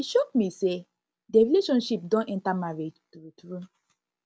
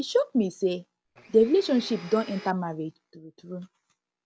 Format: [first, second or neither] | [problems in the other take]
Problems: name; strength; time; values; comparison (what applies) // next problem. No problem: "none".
first | background sound (Domestic sounds, home sounds); 18 dB below the speech